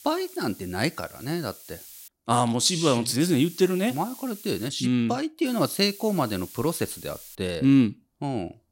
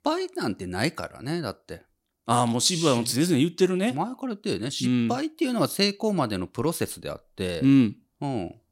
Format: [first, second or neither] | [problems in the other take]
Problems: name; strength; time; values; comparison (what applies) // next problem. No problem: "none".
second | hiss; noticeable; until 2 s, from 3 to 4.5 s and from 5.5 to 7.5 s; 20 dB below the speech